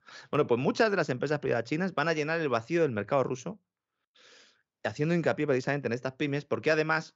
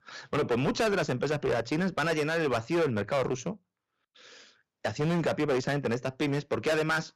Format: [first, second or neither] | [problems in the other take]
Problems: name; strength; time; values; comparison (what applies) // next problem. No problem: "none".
first | distortion; heavy; 14% of the sound clipped